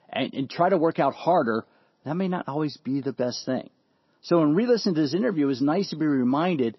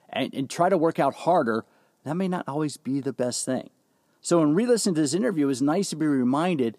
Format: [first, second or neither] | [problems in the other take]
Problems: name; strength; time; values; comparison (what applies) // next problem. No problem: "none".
second | garbled, watery; slightly; nothing above 5.5 kHz